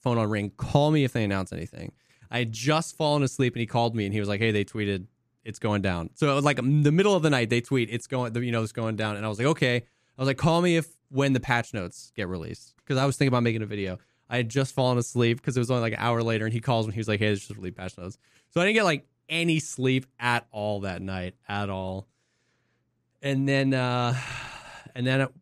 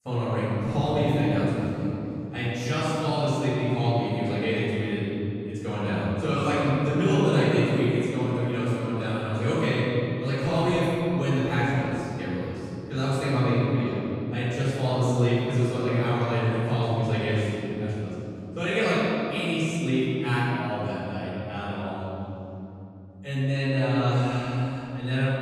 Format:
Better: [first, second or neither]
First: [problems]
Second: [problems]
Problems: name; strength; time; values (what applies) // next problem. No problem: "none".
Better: first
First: none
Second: off-mic speech; far // room echo; strong; dies away in 3 s